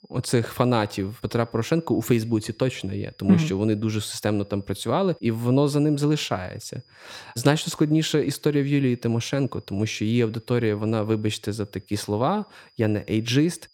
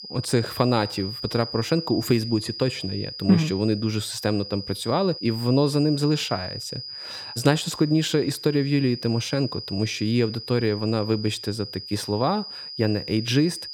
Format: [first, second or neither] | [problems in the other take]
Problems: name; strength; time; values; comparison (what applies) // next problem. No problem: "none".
first | high-pitched whine; loud; throughout; 5 kHz, 10 dB below the speech; faint in the first